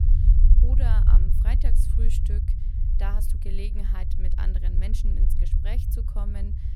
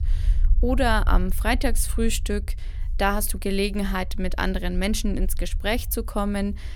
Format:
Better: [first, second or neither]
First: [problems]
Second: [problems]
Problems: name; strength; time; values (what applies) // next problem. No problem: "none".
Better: second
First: low rumble; loud; throughout; 2 dB below the speech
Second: low rumble; faint; throughout; 25 dB below the speech